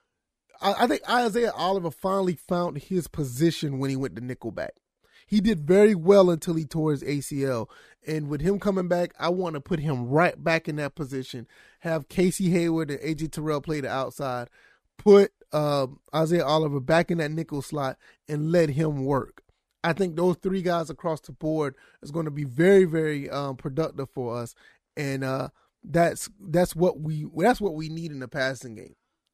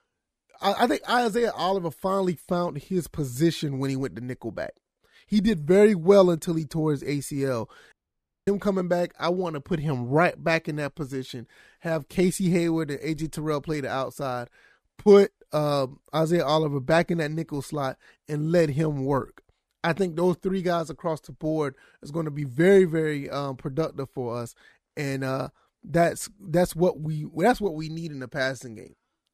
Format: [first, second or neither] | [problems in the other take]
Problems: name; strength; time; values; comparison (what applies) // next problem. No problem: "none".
first | audio cutting out; at 8 s for 0.5 s